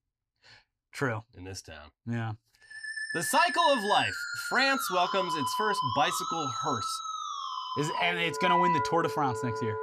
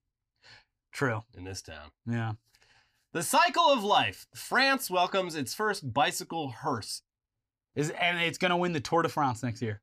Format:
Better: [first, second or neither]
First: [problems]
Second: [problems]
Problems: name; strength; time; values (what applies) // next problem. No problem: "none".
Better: second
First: background music; loud; from 3 s on; 3 dB below the speech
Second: none